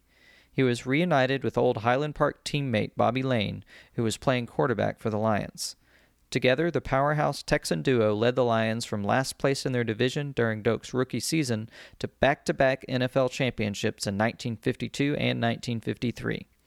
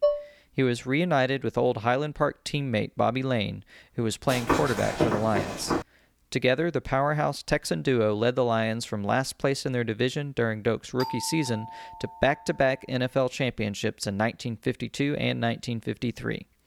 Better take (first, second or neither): first